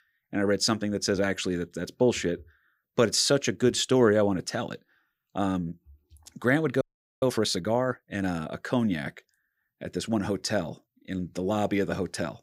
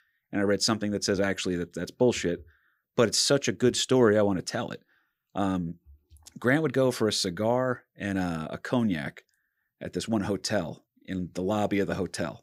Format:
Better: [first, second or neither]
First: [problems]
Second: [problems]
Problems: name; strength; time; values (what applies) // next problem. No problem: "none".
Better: second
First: audio freezing; at 7 s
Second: none